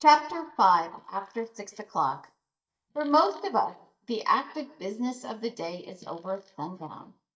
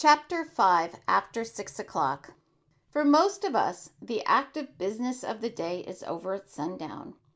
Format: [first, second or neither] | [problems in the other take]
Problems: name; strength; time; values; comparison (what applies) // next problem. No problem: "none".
second | noise reduction (neural mask model DeepFilterNet 3)